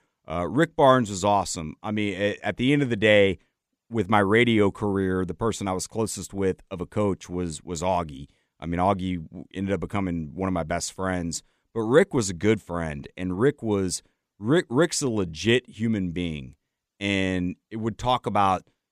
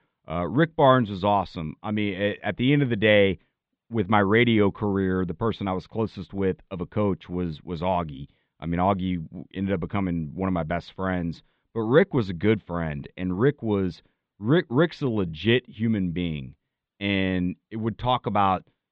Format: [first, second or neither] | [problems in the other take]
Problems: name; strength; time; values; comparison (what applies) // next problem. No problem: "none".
first | muffled; very; fading above 3.5 kHz